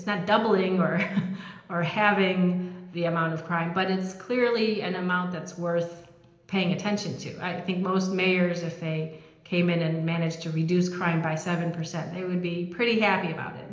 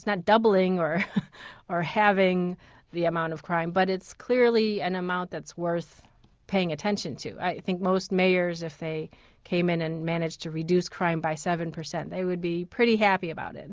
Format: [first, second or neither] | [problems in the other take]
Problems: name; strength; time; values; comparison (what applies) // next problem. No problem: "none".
second | room echo; dies away in 0.8 s